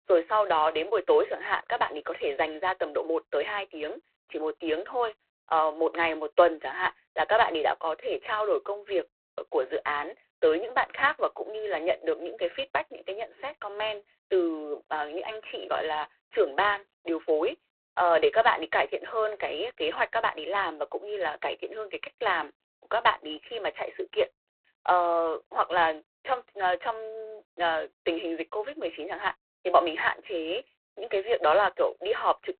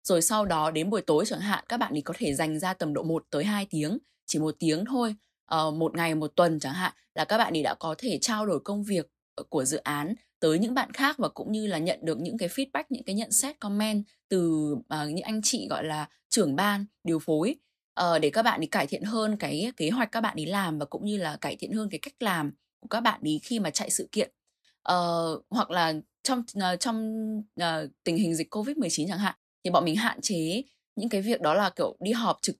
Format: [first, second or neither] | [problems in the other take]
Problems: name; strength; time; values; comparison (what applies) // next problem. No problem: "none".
second | phone-call audio; poor line; nothing above 4 kHz